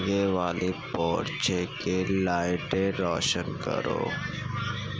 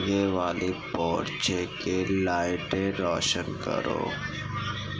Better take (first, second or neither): first